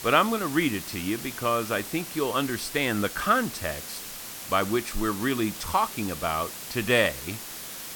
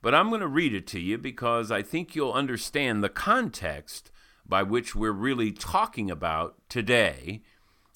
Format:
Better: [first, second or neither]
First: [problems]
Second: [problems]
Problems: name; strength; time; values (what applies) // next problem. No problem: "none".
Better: second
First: hiss; loud; throughout; 9 dB below the speech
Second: none